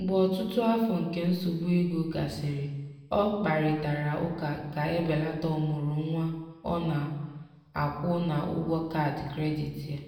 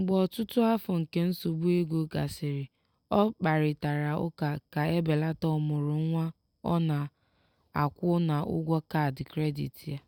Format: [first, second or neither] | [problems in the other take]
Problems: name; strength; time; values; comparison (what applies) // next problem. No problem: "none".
second | room echo; dies away in 1.2 s